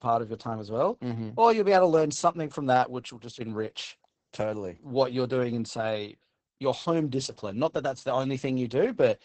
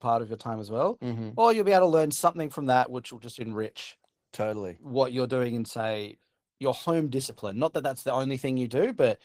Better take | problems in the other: second | garbled, watery; badly; nothing above 8 kHz; slightly in the second

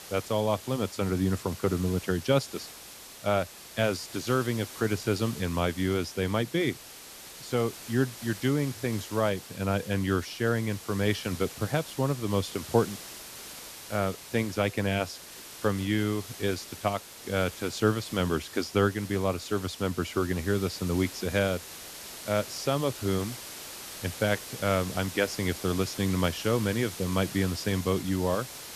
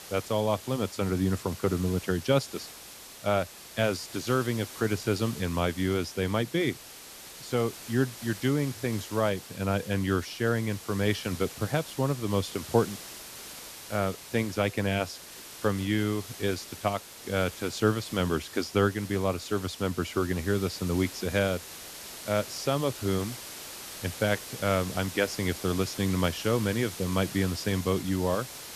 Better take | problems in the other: neither | hiss; noticeable; throughout; 10 dB below the speech; the same in both

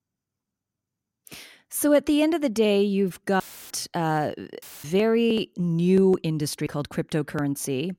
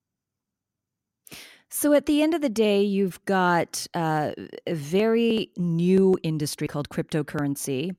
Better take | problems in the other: second | audio cutting out; filled with static; at 3.5 s and at 4.5 s

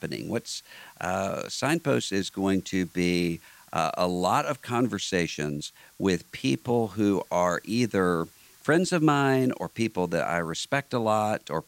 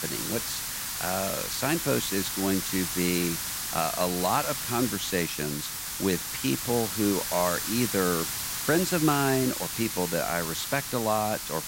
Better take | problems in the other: first | hiss; loud; throughout; 2 dB below the speech; faint in the first

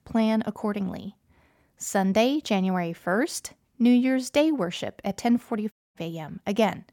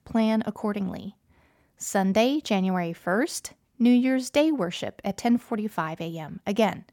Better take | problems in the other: second | audio cutting out; at 5.5 s

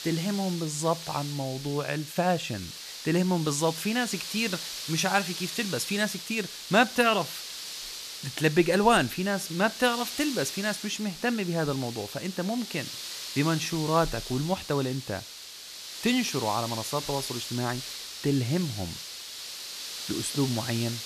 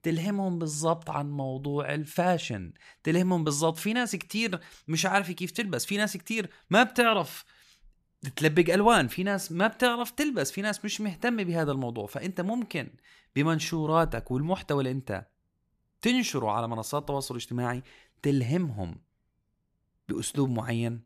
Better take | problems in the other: second | hiss; loud; throughout; 8 dB below the speech

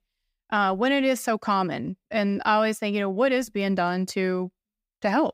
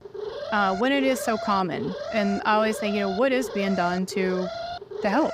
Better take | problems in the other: first | alarm; noticeable; peak 8 dB below the speech

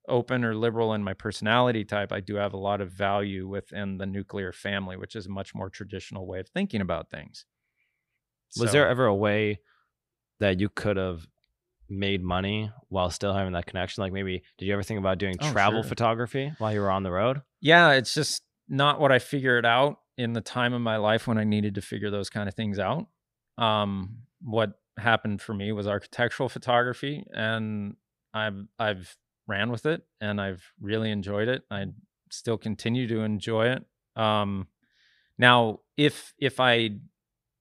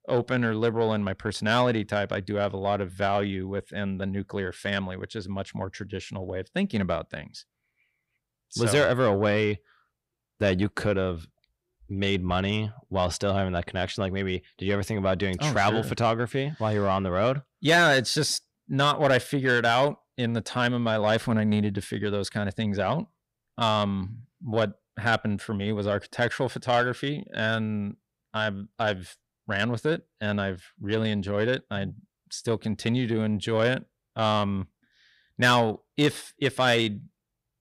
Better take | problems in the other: first | distortion; slight; 10 dB below the speech

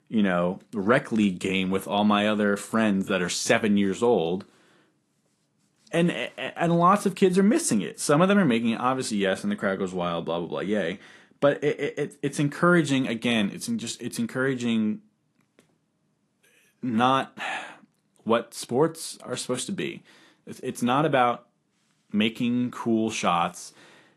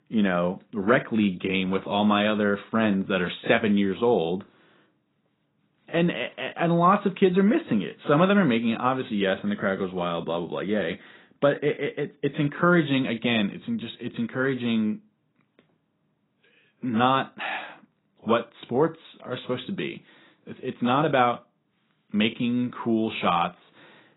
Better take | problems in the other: first | garbled, watery; badly; nothing above 4 kHz; slightly in the first

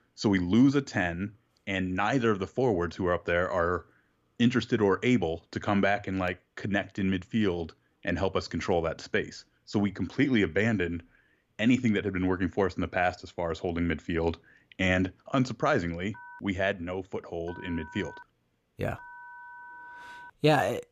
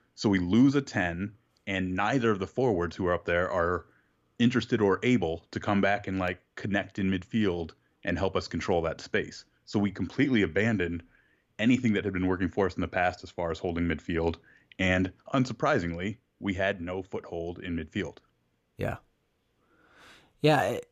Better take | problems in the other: second | phone ringing; faint; from 16 to 20 s; peak 15 dB below the speech

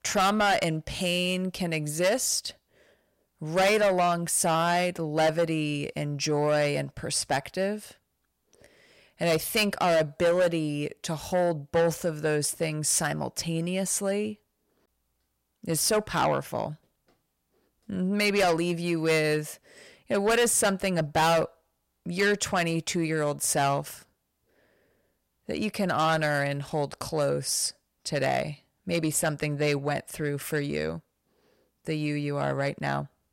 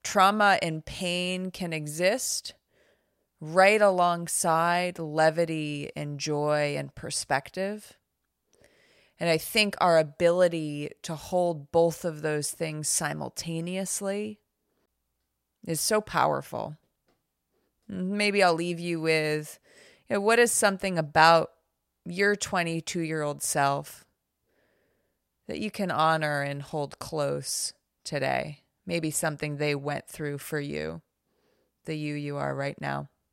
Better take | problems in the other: second | distortion; heavy; 8 dB below the speech

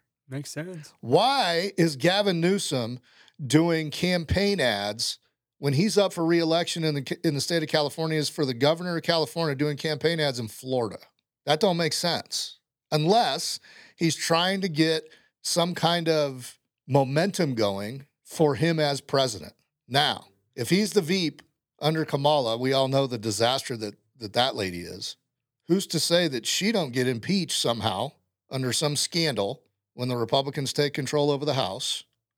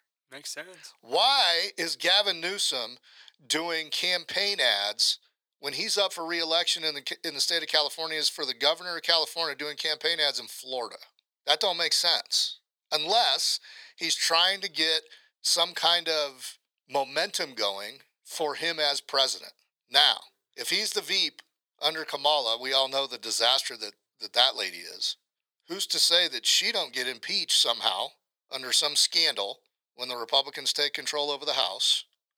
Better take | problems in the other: first | thin; very; fading below 750 Hz

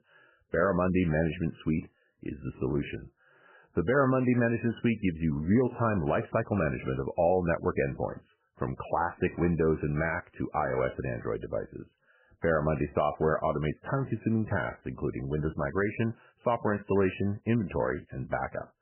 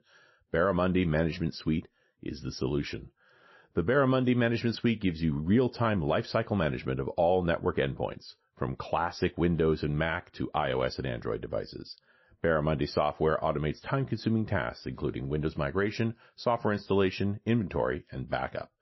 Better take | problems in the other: second | garbled, watery; badly; nothing above 3 kHz; slightly in the second

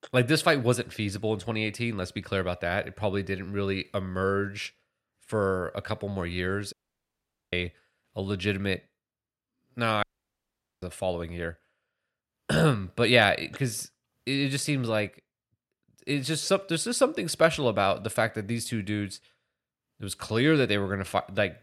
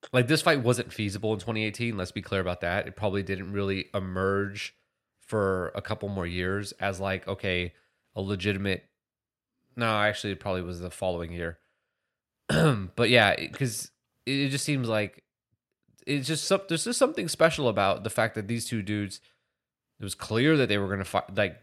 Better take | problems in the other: second | audio cutting out; at 6.5 s for 1 s and at 10 s for 1 s

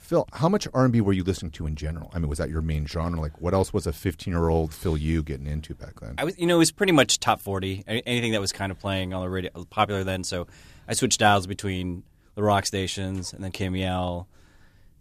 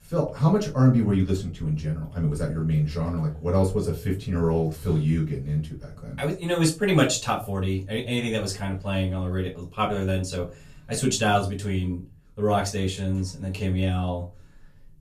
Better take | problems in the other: first | off-mic speech; far // room echo; very slight; dies away in 0.2 s

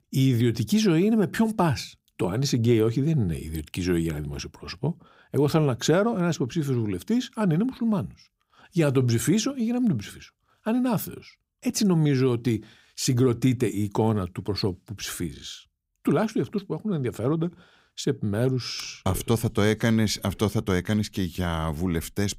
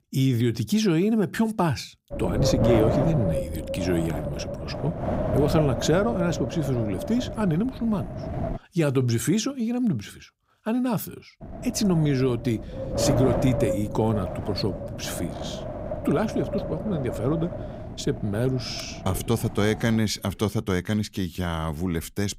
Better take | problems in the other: first | wind noise on the microphone; heavy; from 2 to 8.5 s and from 11 to 20 s; 2 dB below the speech

